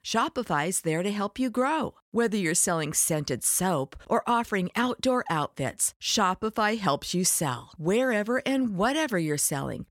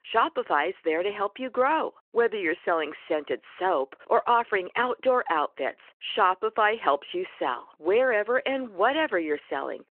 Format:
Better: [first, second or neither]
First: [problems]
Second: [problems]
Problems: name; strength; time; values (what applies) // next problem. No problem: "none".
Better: first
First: none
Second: phone-call audio